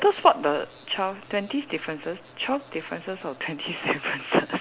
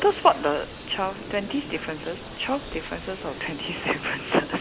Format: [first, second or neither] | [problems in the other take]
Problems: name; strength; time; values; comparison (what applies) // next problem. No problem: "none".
first | background sound (Bird); 12 dB below the speech